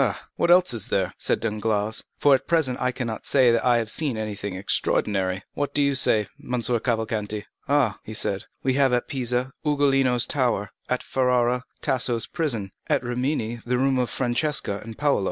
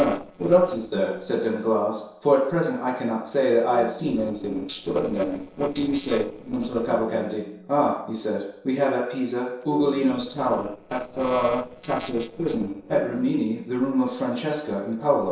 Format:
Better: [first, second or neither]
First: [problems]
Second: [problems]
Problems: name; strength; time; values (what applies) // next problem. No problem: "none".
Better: first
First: none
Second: noise reduction (neural separator model SepFormer DNS4)